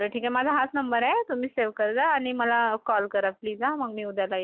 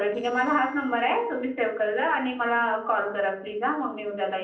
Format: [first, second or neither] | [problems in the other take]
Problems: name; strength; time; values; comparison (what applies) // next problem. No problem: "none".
first | noise reduction (neural separator model SepFormer DNS4)